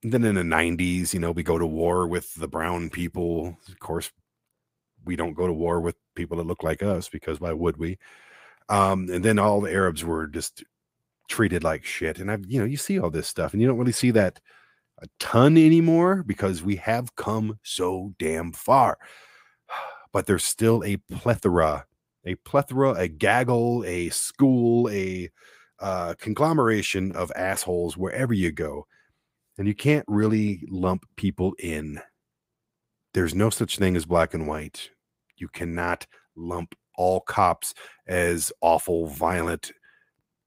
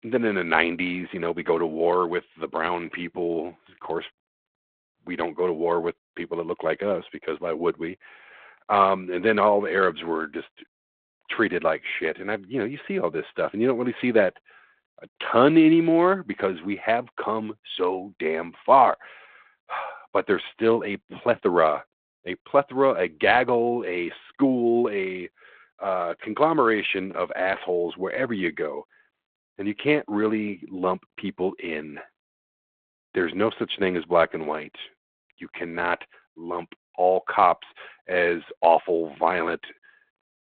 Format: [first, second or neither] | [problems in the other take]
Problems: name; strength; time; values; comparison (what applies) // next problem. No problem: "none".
first | phone-call audio